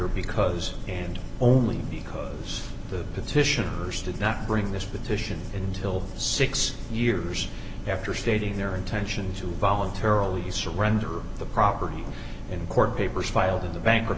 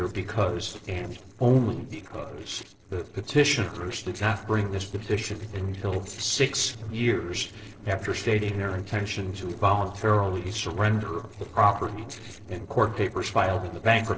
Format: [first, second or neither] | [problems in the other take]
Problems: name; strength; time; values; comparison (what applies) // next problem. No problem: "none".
first | noise reduction (neural separator model SepFormer DNS4)